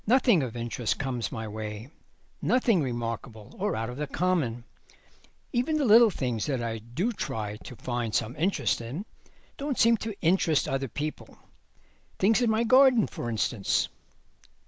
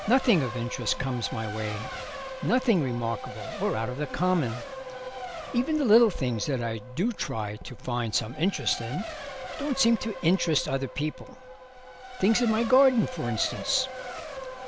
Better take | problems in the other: first | background sound (Race car, auto racing); 11 dB below the speech

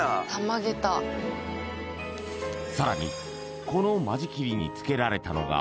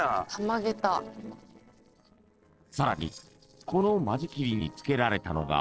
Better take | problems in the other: first | noise reduction (neural separator model SepFormer DNS4)

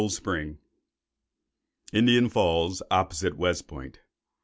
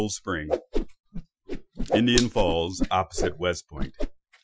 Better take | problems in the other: first | noise reduction (classical method Wiener filter)

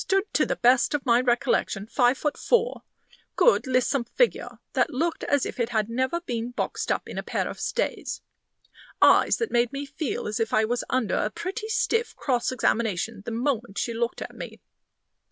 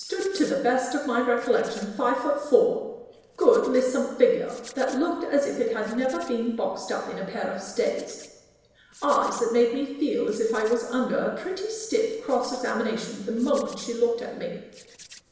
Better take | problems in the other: first | noise reduction (neural separator model SepFormer DNS4)

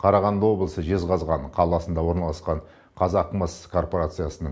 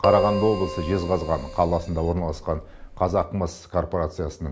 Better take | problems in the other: first | background sound (Keyboard (musical)); 6 dB below the speech

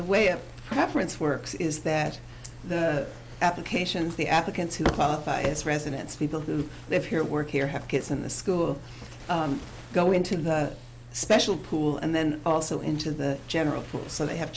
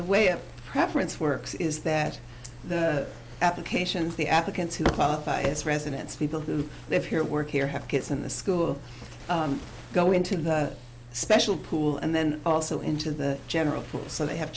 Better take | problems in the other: second | background sound (Snare drum); 17 dB below the speech

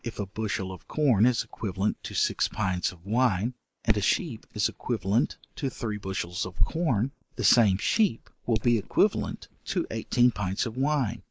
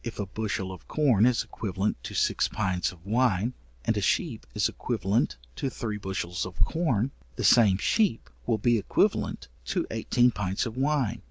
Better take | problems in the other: second | noise reduction (neural mask model Resemble Enhance denoiser)

